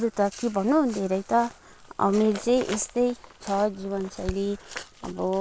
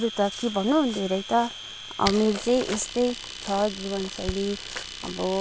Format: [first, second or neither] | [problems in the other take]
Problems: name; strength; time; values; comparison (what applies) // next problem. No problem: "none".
first | background sound (Domestic sounds, home sounds); 11 dB below the speech